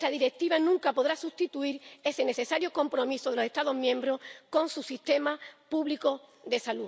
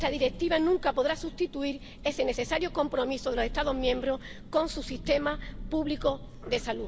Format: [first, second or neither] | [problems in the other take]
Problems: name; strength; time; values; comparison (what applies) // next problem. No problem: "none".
first | background sound (Thunder); 10 dB below the speech